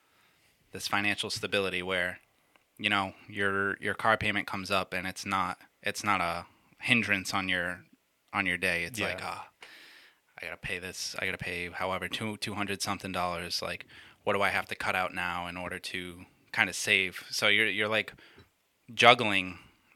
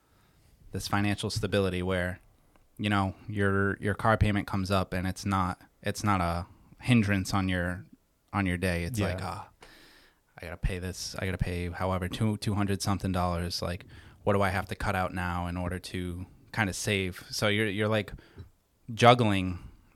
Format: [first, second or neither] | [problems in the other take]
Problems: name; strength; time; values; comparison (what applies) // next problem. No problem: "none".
second | thin; somewhat; fading below 450 Hz